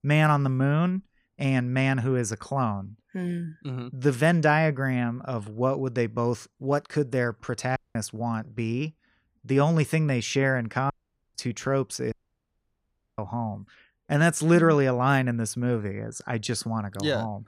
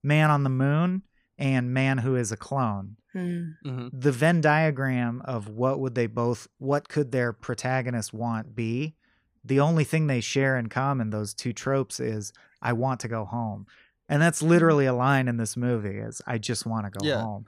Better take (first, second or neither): second